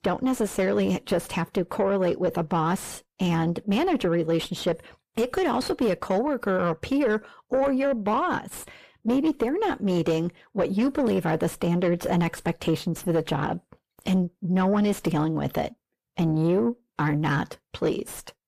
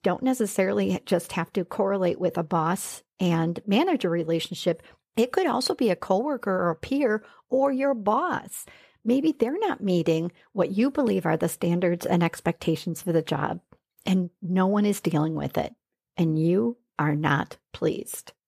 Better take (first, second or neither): second